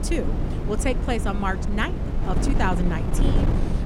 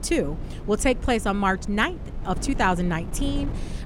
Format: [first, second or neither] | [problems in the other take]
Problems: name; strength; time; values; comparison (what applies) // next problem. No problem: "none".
second | wind noise on the microphone; heavy; 5 dB below the speech; occasional gusts in the second